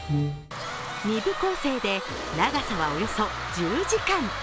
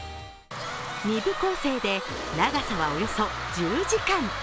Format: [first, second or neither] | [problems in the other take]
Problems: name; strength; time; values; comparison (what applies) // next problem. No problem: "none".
second | background sound (Brass instrument); 2 dB below the speech